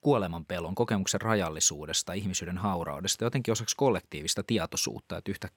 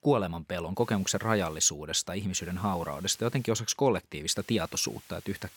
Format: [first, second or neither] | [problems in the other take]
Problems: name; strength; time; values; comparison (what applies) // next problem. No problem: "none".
first | hiss; faint; at 1 s, from 2.5 to 3.5 s and from 4.5 s on; 25 dB below the speech